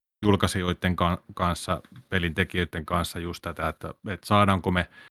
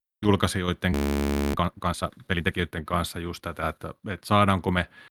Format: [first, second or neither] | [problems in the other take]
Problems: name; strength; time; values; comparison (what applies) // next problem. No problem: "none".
first | audio freezing; at 1 s for 0.5 s